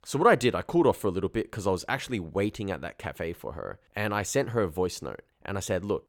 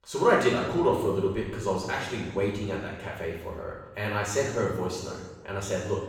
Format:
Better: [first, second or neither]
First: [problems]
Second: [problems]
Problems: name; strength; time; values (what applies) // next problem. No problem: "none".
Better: first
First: none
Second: room echo; noticeable; dies away in 1 s // off-mic speech; far